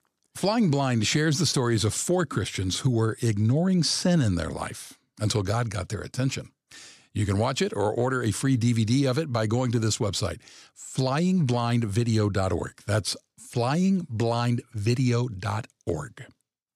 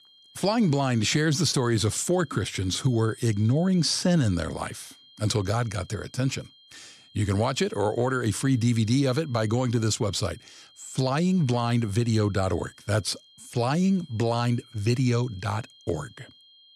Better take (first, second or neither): first